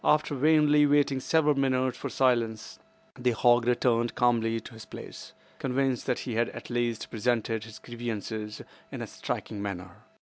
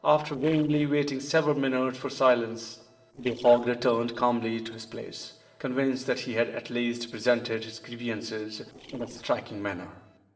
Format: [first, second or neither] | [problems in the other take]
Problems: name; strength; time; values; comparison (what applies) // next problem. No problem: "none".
first | noise reduction (neural separator model SepFormer DNS4)